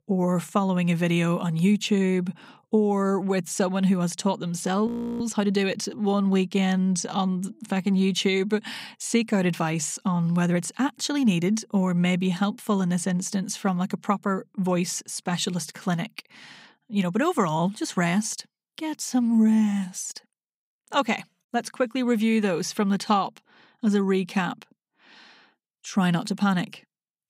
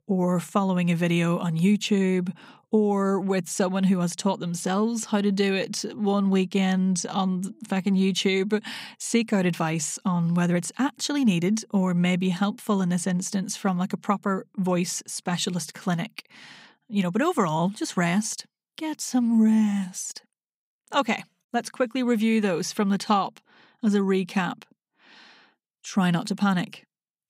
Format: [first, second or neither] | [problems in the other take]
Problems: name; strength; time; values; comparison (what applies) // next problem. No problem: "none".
second | audio freezing; at 5 s